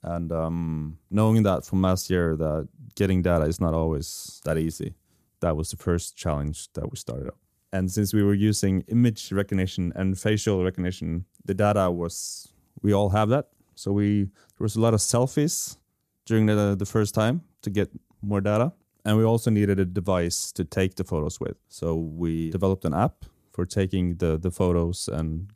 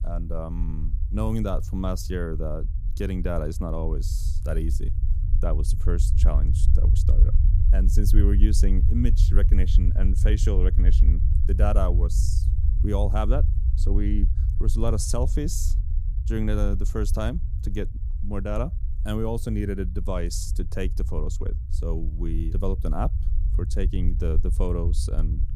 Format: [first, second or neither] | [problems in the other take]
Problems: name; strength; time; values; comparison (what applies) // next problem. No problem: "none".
first | low rumble; noticeable; throughout; 10 dB below the speech